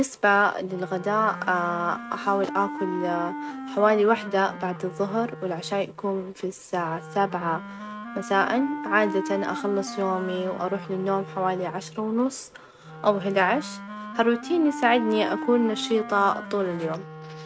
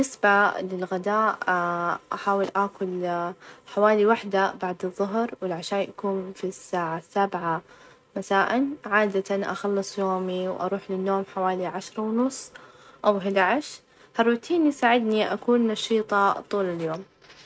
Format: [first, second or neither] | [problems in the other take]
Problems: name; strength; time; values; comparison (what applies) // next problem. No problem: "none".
second | background sound (Wind instrument, woodwind instrument); 11 dB below the speech